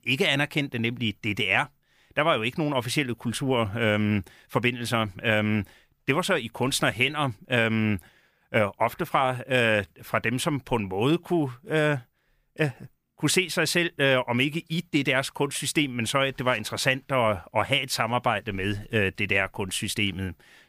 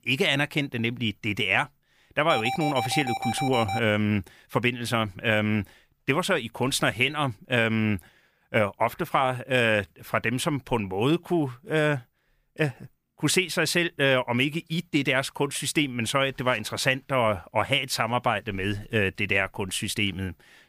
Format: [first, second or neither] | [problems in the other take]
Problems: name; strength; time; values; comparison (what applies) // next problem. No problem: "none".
first | alarm; noticeable; from 2.5 to 4 s; peak 4 dB below the speech